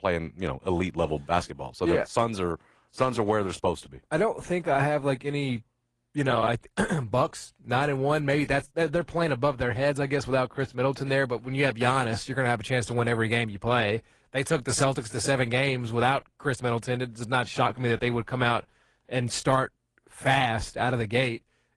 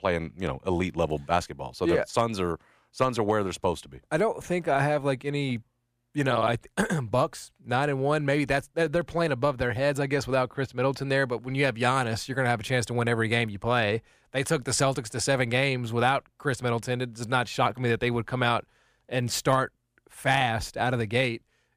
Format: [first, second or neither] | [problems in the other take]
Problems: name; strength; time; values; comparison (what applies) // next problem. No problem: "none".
second | garbled, watery; slightly; nothing above 10.5 kHz